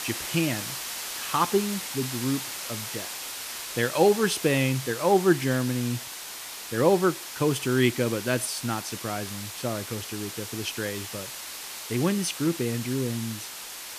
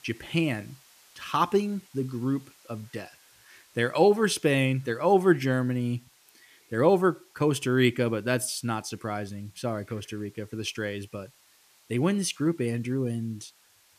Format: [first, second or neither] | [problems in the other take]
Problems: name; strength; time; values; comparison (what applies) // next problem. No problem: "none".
second | hiss; loud; throughout; 7 dB below the speech; faint in the second